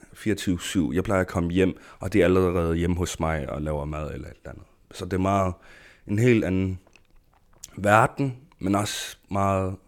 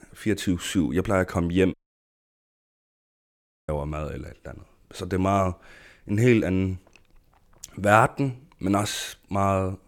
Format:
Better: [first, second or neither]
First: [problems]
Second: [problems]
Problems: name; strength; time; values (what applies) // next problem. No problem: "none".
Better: first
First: none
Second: audio cutting out; at 1.5 s for 2 s